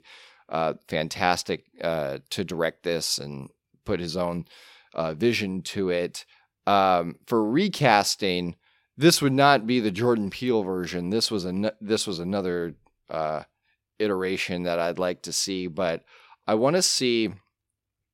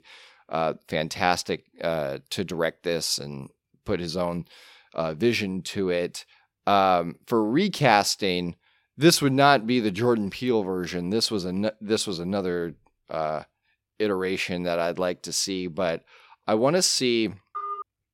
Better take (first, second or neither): first